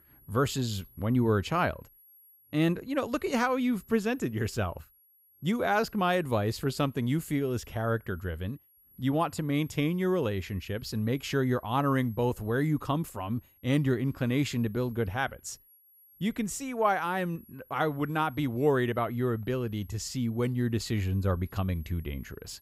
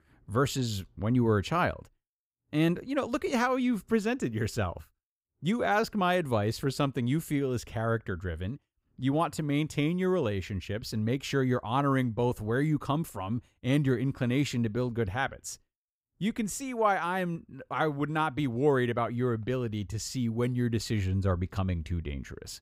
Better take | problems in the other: second | high-pitched whine; faint; throughout; 11.5 kHz, 25 dB below the speech

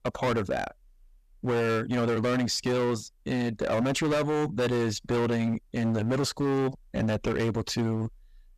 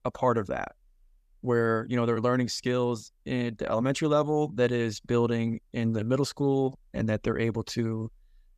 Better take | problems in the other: second | distortion; heavy; 21% of the sound clipped

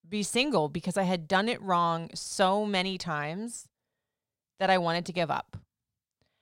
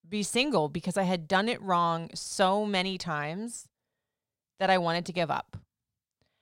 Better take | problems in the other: neither | none

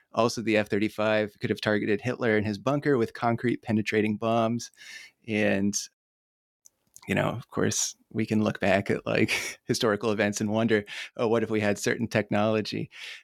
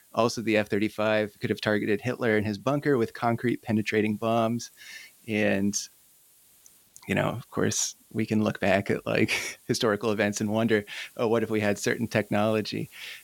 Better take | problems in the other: first | hiss; faint; throughout; 30 dB below the speech

